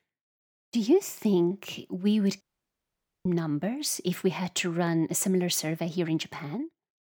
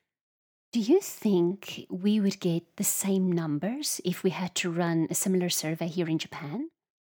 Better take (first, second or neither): second